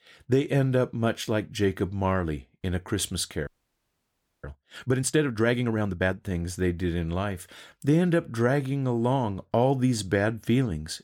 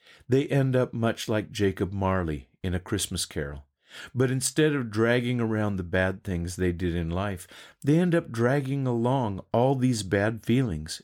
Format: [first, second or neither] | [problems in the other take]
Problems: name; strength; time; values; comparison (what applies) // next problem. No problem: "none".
second | audio freezing; at 3.5 s for 1 s